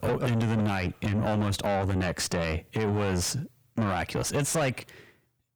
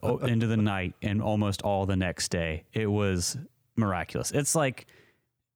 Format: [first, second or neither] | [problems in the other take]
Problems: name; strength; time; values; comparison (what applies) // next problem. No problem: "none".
second | distortion; heavy; 7 dB below the speech